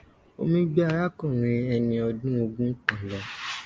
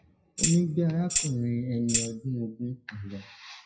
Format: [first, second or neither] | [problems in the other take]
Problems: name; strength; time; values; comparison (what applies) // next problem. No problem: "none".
first | noise reduction (classical method WPE with log-MMSE)